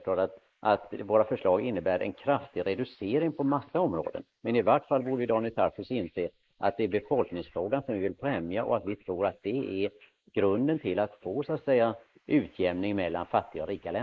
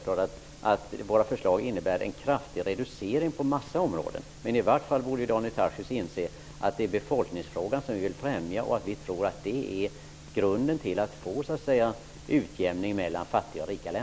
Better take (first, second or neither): second